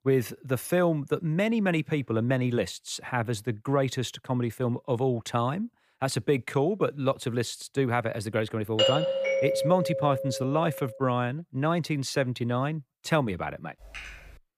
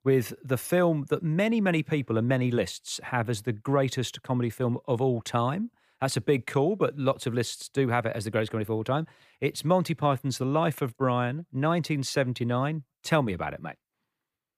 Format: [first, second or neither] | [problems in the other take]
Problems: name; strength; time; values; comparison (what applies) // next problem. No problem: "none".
second | doorbell; loud; from 9 to 11 s; peak 4 dB above the speech // keyboard typing; faint; at 14 s; peak 15 dB below the speech